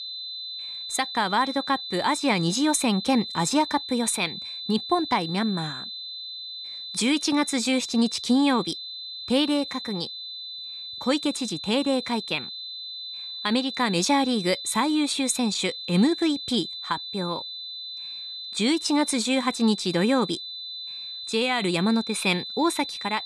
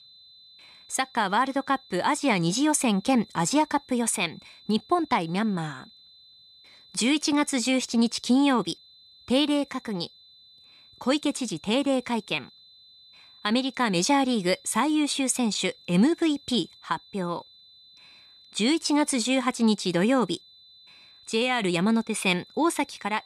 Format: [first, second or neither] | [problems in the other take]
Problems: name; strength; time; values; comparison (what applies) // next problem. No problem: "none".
second | high-pitched whine; loud; throughout; 4 kHz, 8 dB below the speech; faint in the second